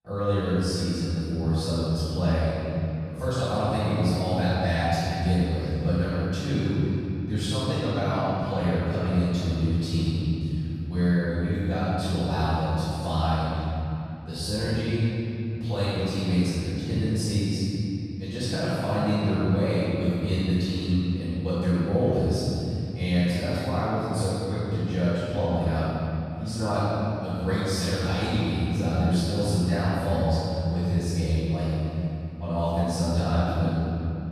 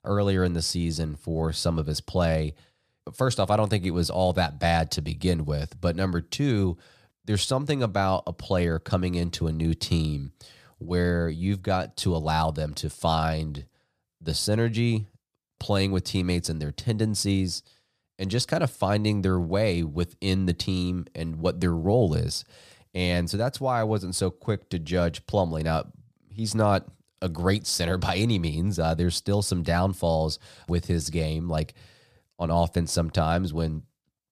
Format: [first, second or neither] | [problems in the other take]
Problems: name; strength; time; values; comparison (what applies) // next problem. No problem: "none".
second | room echo; strong; dies away in 3 s // off-mic speech; far